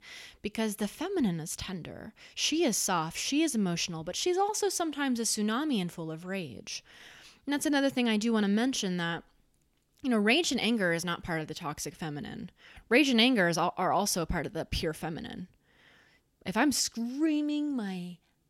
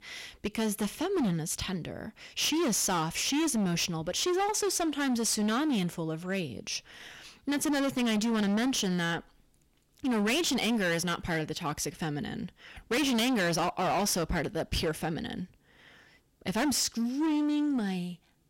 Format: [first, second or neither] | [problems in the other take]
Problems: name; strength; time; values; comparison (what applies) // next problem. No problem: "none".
first | distortion; heavy; 19% of the sound clipped